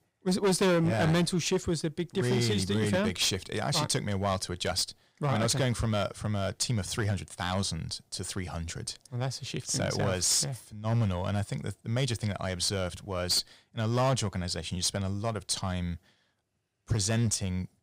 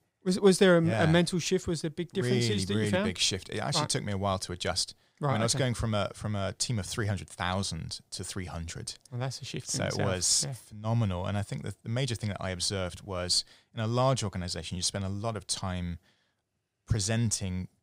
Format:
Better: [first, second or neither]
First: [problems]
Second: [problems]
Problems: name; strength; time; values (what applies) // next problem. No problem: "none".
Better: second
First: distortion; slight; 5% of the sound clipped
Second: none